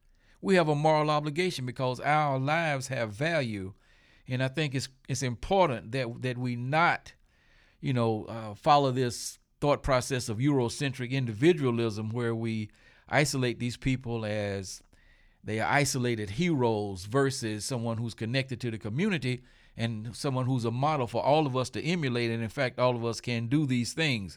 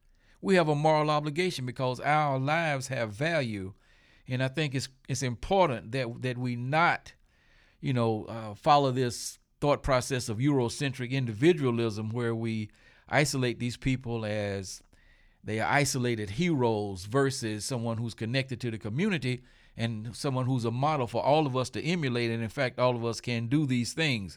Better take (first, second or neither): neither